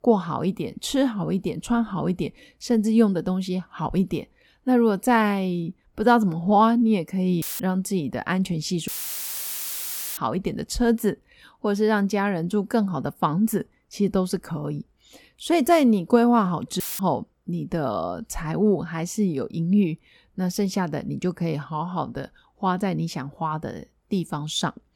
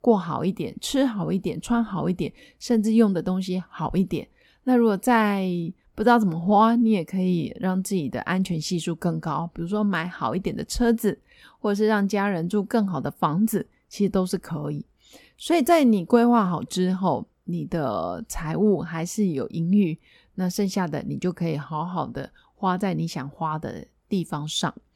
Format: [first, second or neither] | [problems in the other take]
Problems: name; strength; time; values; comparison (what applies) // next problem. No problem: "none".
second | audio cutting out; filled with static; at 7.5 s, at 9 s for 1.5 s and at 17 s